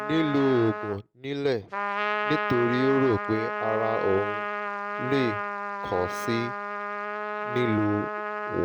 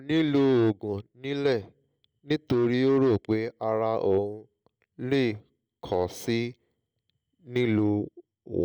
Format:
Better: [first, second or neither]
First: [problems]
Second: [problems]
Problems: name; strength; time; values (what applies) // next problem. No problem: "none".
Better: second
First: background sound (Trumpet); 3 dB below the speech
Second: none